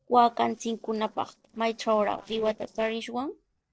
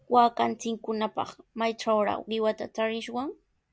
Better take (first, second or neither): second